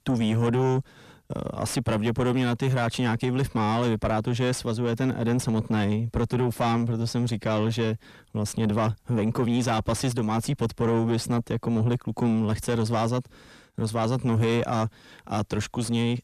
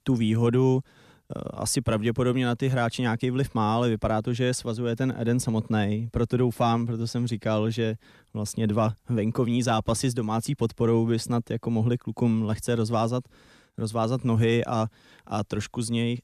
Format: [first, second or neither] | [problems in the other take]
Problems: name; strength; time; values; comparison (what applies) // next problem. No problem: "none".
second | distortion; slight; 10 dB below the speech